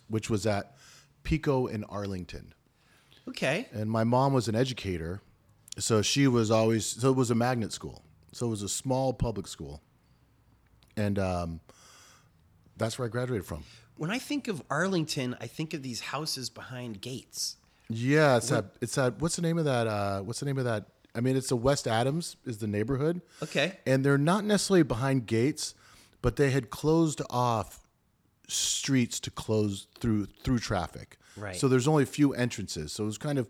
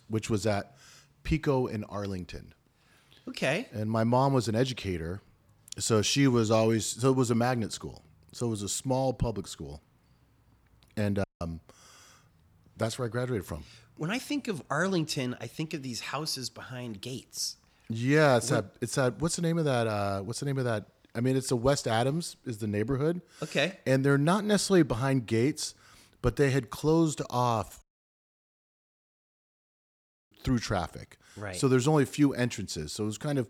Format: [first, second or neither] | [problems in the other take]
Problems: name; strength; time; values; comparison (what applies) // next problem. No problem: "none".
first | audio cutting out; at 11 s and at 28 s for 2.5 s